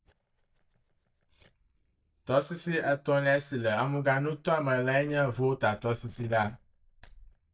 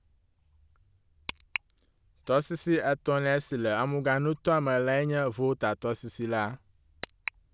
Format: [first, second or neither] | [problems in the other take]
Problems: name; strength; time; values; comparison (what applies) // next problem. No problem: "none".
second | noise reduction (neural mask model DeepFilterNet 3)